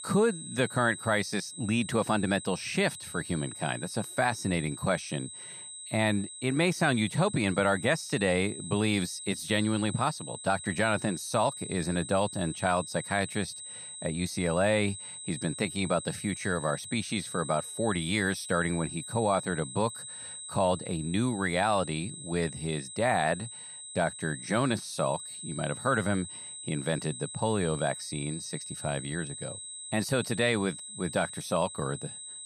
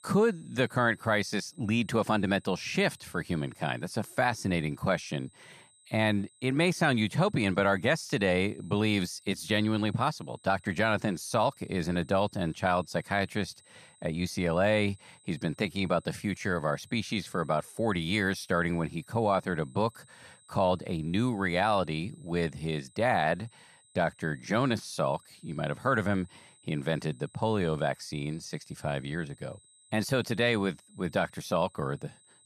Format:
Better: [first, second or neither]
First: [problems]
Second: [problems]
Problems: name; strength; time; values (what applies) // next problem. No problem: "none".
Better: second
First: high-pitched whine; loud; throughout; 8 kHz, 10 dB below the speech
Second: high-pitched whine; faint; throughout; 8 kHz, 30 dB below the speech